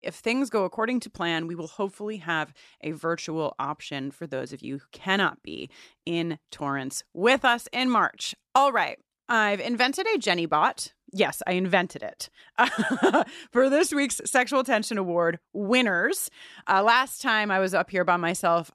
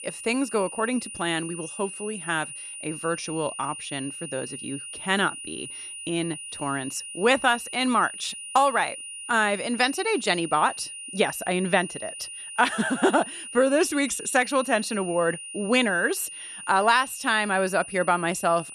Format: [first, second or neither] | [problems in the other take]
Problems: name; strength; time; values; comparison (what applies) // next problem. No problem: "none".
first | high-pitched whine; noticeable; throughout; 9.5 kHz, 10 dB below the speech